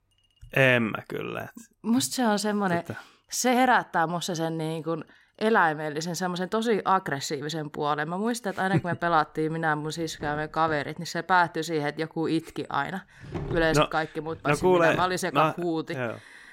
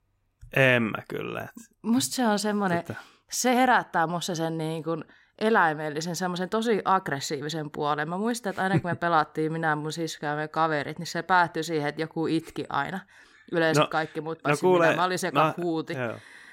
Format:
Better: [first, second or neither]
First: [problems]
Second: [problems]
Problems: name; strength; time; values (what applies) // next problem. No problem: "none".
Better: second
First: household noises; noticeable; throughout; 15 dB below the speech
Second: none